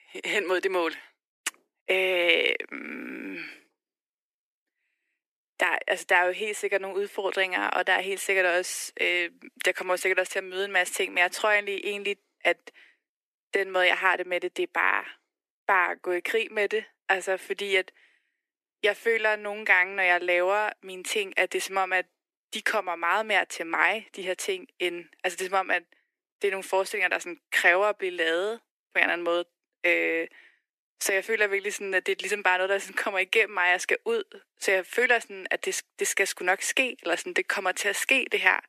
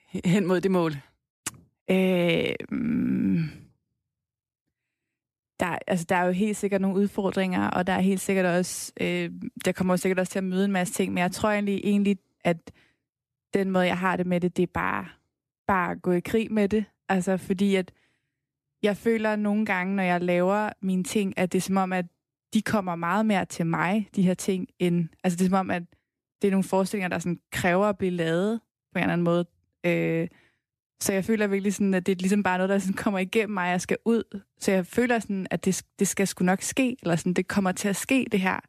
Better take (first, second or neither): second